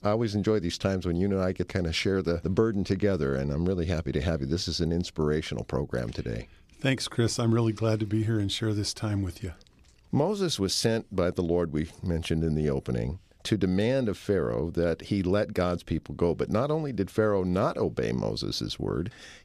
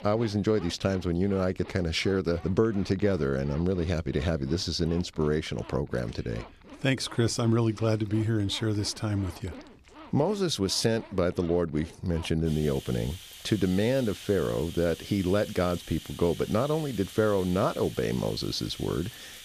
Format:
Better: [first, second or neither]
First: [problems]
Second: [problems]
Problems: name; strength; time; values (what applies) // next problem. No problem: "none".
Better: first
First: none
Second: household noises; noticeable; throughout; 20 dB below the speech